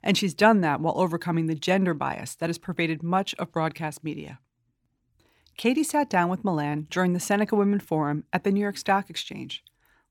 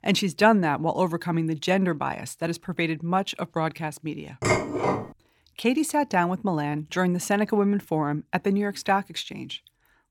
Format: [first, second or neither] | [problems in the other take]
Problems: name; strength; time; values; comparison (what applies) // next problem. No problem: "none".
first | clattering dishes; loud; at 4.5 s; peak 1 dB above the speech